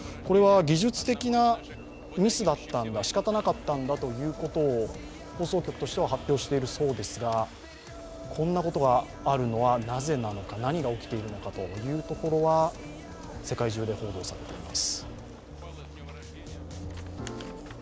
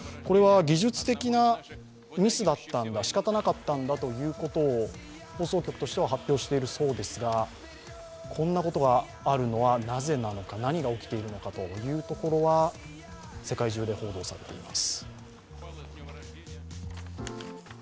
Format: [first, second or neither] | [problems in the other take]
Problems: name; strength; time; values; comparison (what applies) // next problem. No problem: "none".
second | background sound (Alarm / Engine / Train); 16 dB below the speech